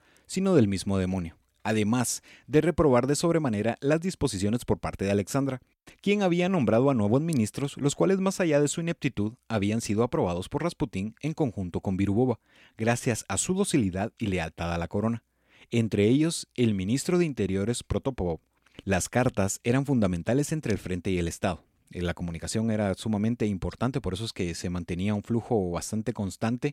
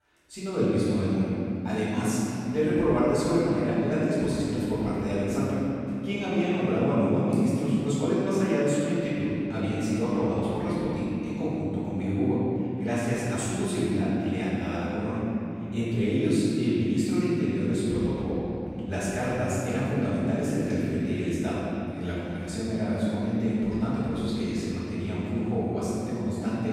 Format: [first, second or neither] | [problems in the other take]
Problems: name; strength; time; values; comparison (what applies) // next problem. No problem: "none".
first | off-mic speech; far // room echo; strong; dies away in 3 s